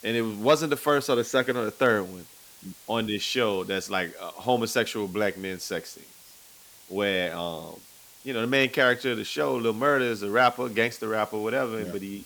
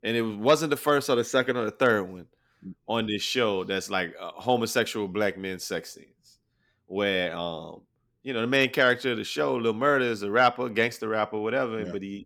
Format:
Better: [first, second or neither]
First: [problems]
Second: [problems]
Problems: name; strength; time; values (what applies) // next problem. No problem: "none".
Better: second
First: hiss; faint; throughout; 20 dB below the speech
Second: none